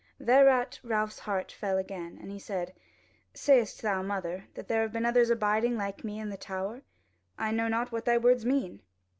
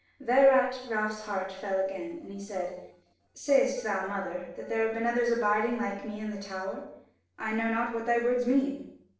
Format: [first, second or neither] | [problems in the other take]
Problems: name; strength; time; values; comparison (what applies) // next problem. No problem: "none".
first | noise reduction (neural separator model SepFormer DNS4)